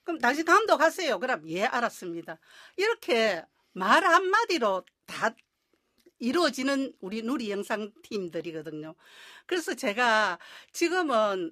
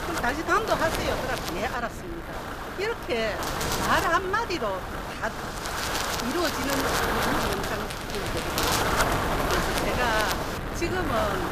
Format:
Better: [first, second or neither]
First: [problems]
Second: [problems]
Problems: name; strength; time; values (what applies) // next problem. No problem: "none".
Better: first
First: none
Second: wind noise on the microphone; heavy; as loud as the speech